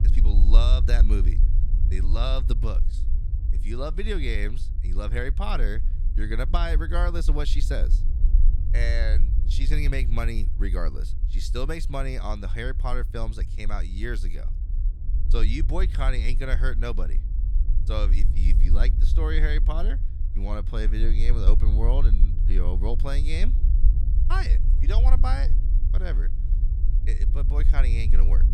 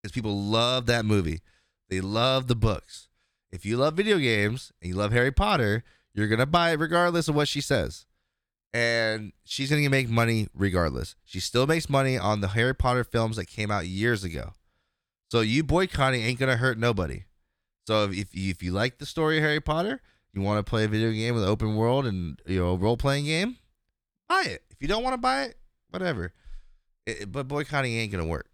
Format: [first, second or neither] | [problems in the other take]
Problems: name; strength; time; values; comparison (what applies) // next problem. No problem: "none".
second | low rumble; noticeable; throughout; 10 dB below the speech